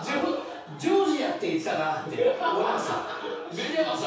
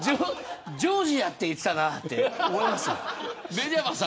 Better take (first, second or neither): second